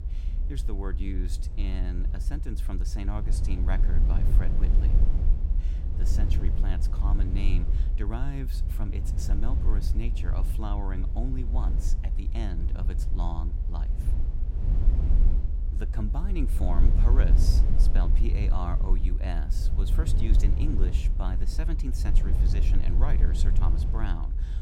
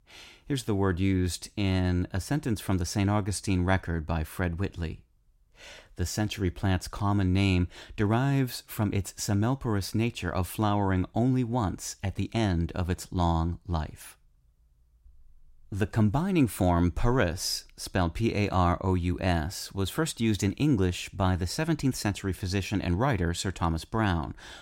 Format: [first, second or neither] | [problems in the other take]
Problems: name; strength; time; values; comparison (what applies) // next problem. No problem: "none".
second | low rumble; loud; throughout; 4 dB below the speech